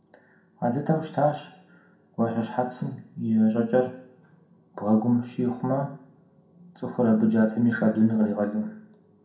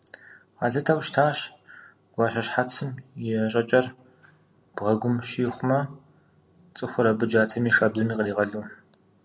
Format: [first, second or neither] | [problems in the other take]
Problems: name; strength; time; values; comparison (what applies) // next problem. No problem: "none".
second | room echo; dies away in 0.5 s